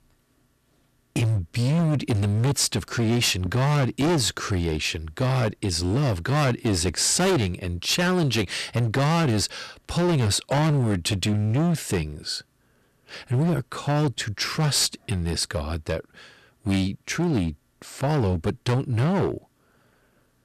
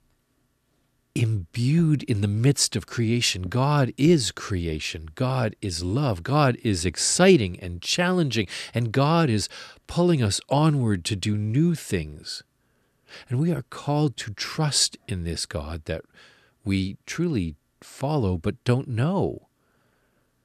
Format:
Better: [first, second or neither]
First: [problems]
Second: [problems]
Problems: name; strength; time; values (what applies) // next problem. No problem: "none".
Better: second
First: distortion; heavy; 17% of the sound clipped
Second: none